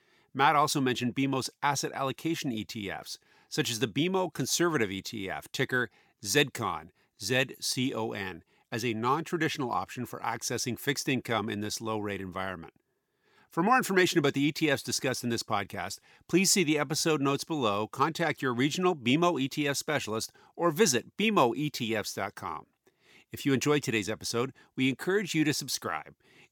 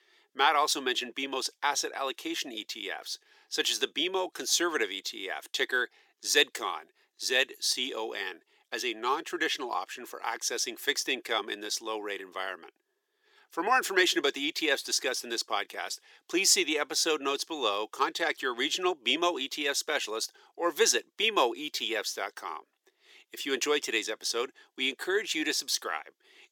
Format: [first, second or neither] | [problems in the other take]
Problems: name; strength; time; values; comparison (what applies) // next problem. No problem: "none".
first | thin; somewhat; fading below 350 Hz